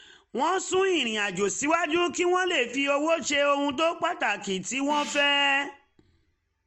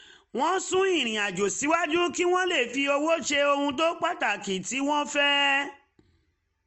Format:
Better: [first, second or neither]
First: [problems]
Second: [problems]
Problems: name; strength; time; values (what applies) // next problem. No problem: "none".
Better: second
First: background sound (Gong); 18 dB below the speech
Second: none